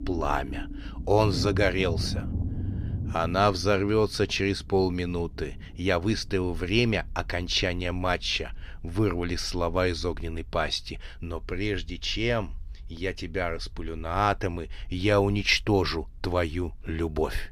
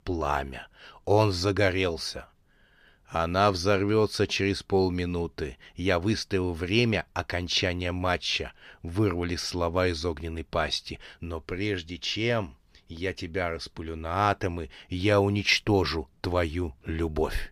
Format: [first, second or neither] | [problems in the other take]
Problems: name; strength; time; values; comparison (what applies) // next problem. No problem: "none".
second | low rumble; noticeable; throughout; 20 dB below the speech